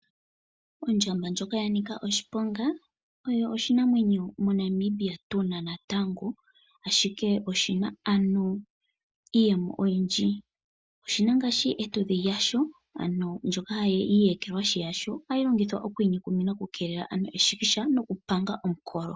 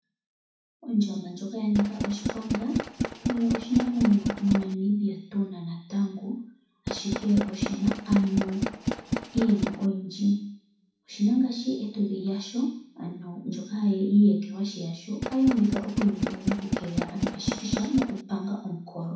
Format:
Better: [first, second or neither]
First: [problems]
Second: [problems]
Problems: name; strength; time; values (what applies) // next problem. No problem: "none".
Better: first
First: none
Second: background sound (Tools); 3 dB below the speech // room echo; dies away in 0.6 s